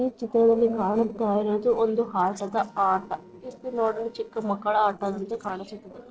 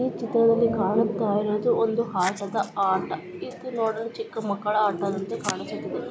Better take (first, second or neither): second